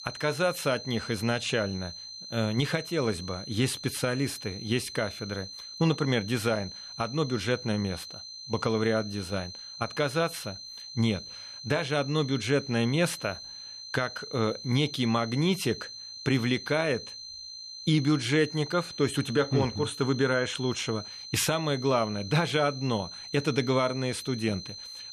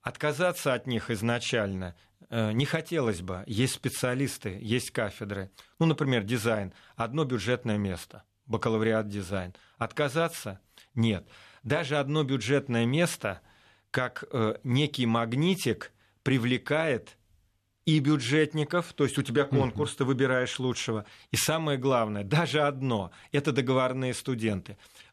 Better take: second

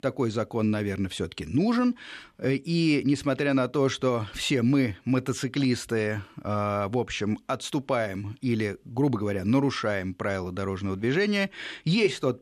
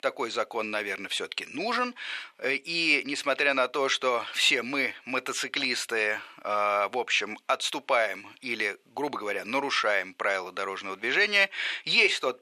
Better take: first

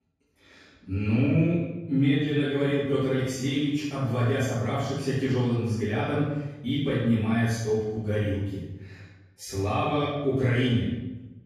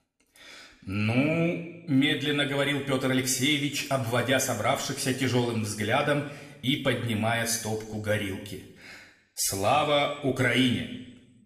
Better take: second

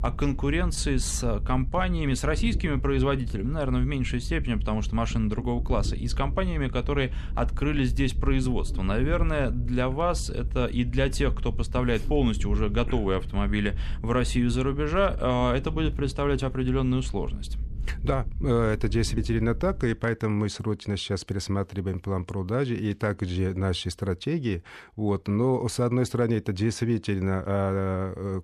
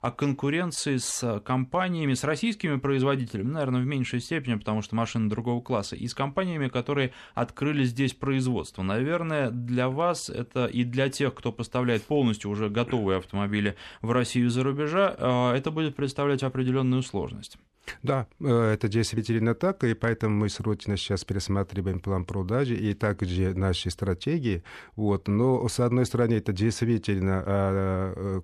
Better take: second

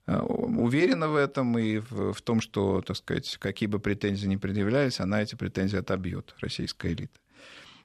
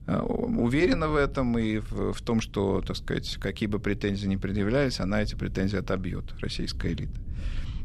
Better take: first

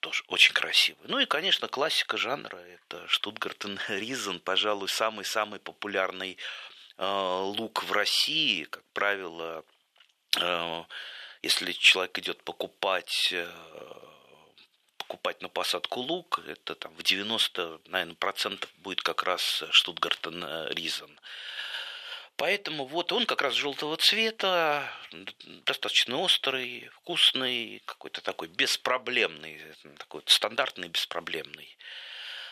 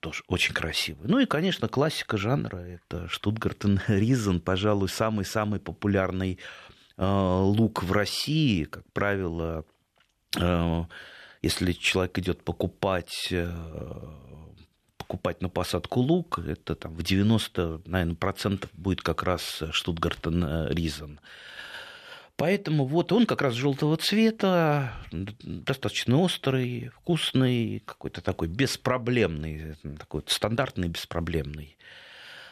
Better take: second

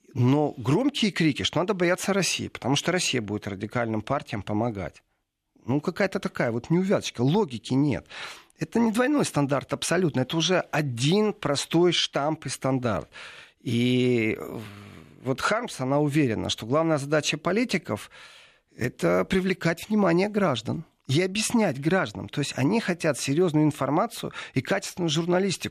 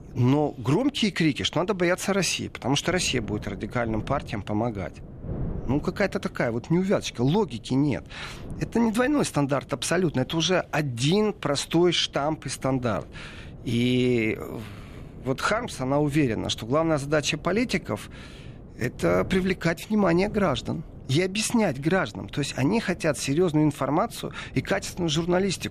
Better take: first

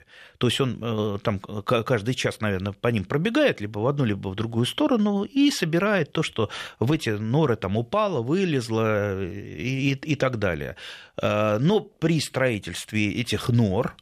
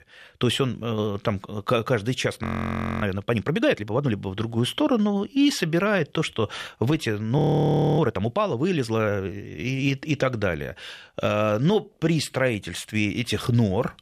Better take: first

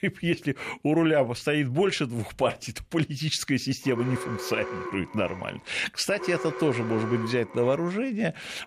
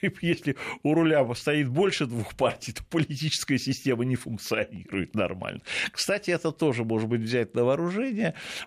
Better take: second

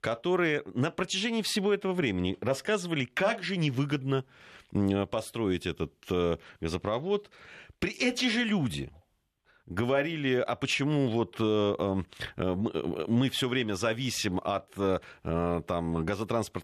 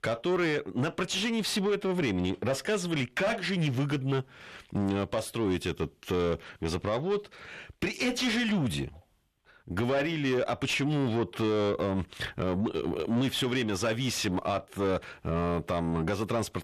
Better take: first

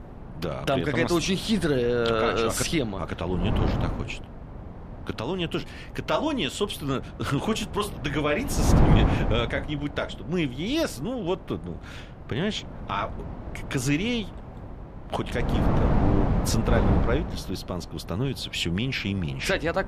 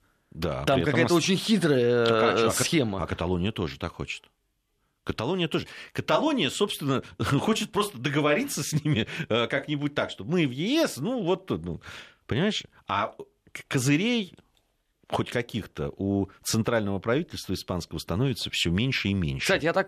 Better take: second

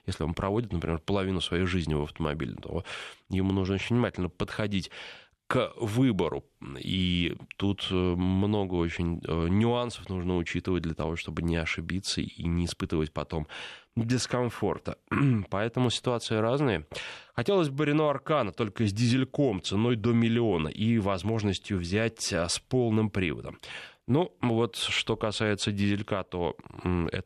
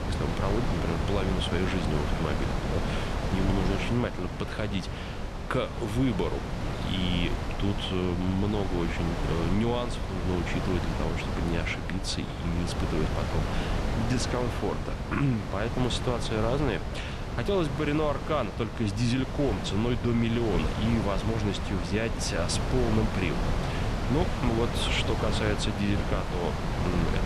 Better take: first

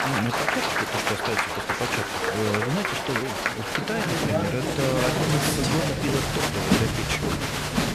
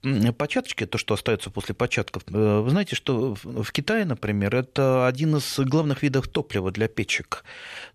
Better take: second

